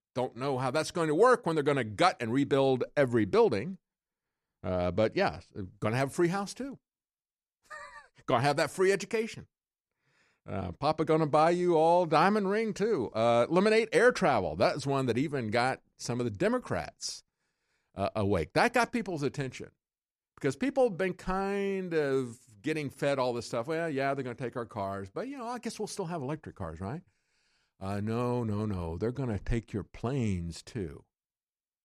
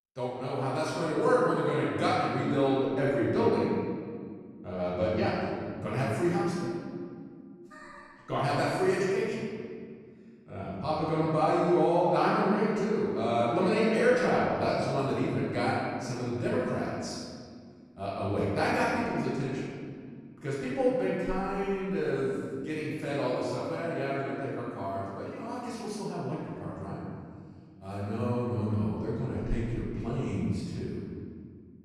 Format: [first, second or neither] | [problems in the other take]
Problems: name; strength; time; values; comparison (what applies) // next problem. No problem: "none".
first | room echo; strong; dies away in 2 s // off-mic speech; far